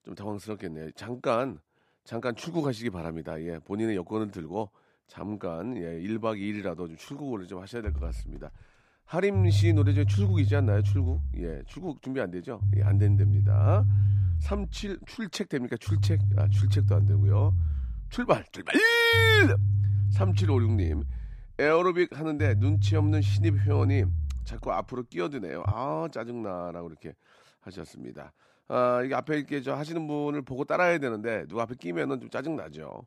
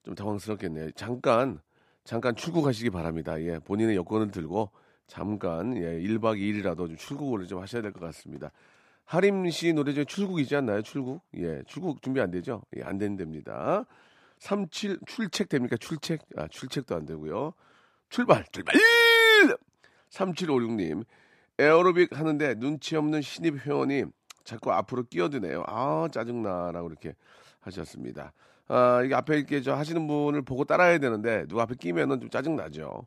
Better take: second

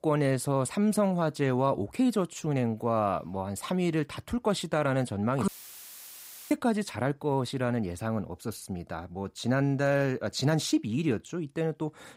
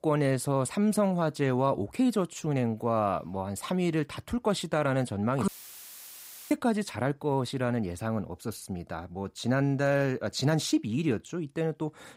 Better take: neither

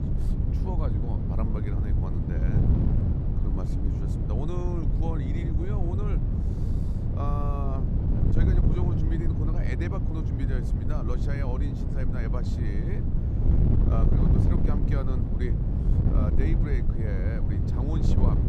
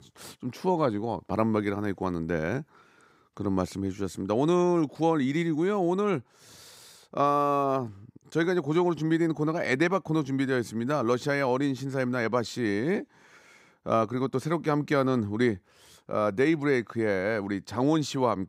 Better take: second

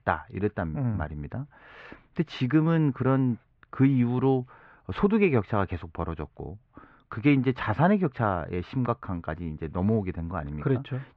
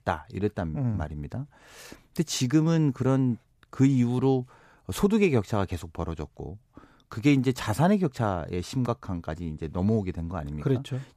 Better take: second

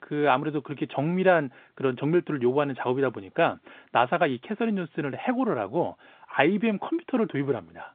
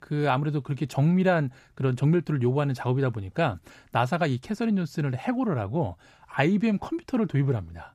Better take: second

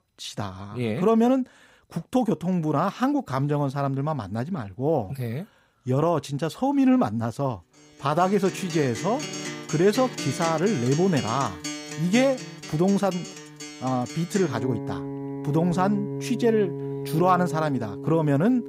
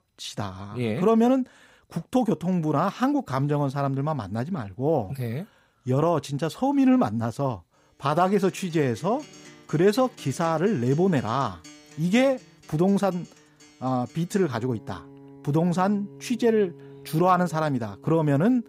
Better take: second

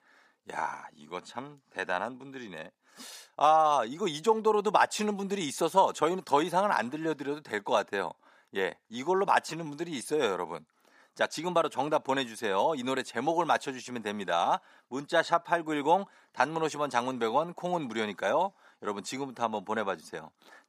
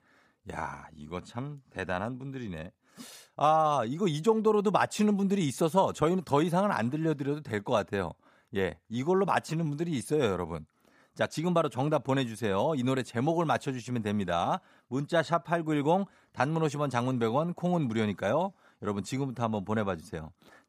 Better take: second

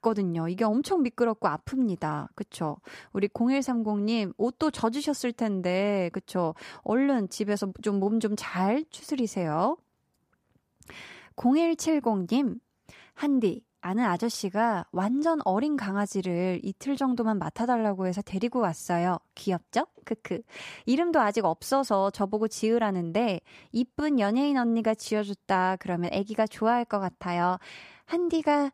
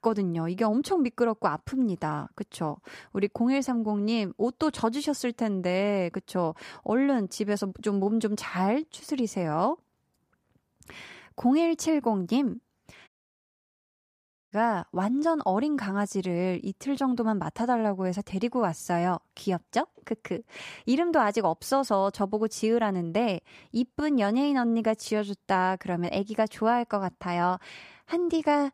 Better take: first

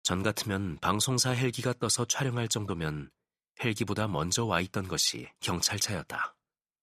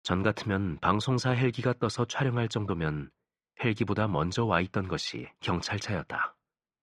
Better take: first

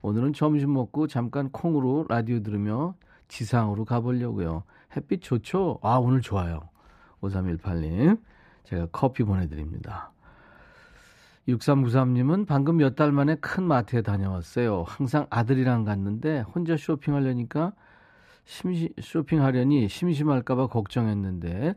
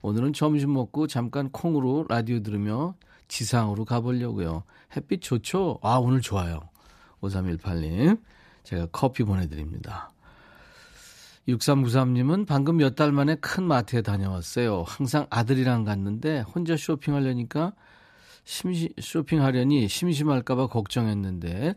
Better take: second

